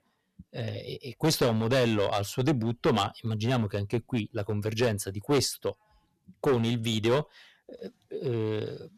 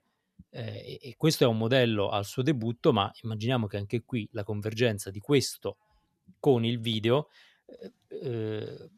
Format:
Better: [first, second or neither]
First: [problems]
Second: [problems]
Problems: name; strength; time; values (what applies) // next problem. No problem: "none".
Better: second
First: distortion; heavy; 6% of the sound clipped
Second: none